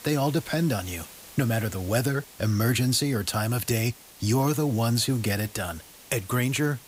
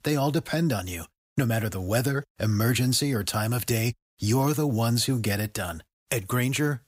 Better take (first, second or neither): second